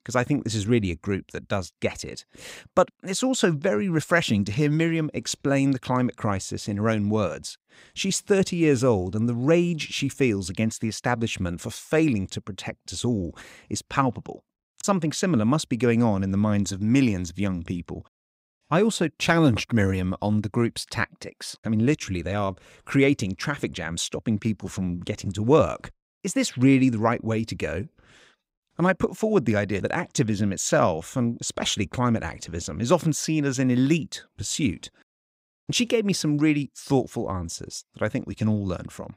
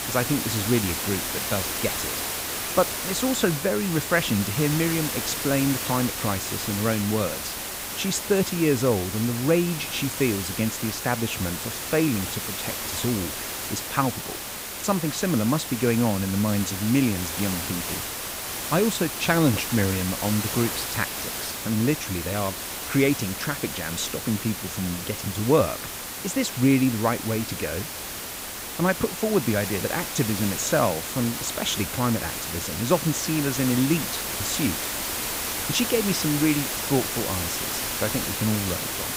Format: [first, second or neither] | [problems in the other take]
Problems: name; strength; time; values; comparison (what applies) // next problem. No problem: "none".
first | hiss; loud; throughout; 3 dB below the speech